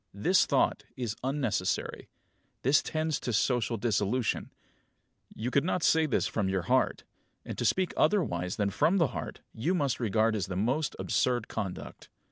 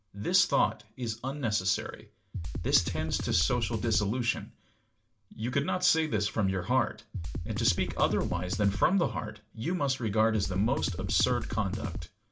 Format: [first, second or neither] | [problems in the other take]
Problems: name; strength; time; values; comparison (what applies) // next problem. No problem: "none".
first | background sound (Drum kit); 3 dB below the speech // room echo; dies away in 0.2 s